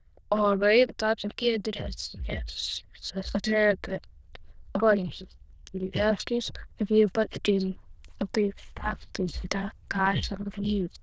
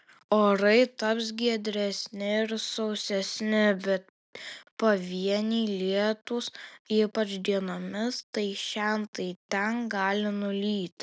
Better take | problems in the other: second | noise reduction (neural diffusion model UNIVERSE++)

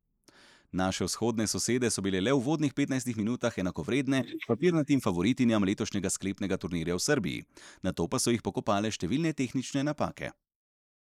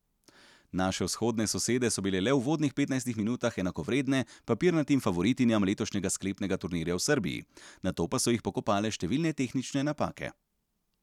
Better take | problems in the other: second | noise reduction (neural mask model Resemble Enhance denoiser)

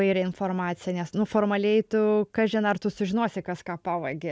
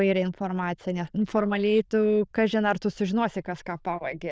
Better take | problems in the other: first | noise reduction (neural diffusion model UNIVERSE++)

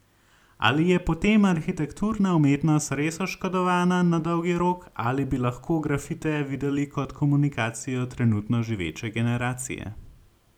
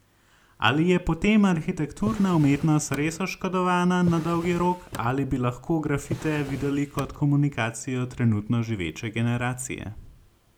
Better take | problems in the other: first | background sound (Drawer open or close); 15 dB below the speech

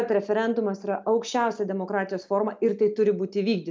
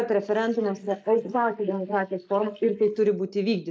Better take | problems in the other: first | noise reduction (neural mask model Resemble Enhance denoiser)

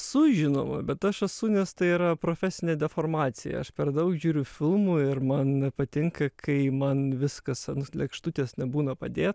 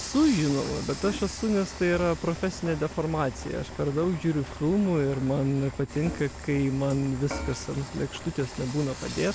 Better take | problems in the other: first | background sound (Frying (food) / Dishes, pots, and pans); 11 dB below the speech

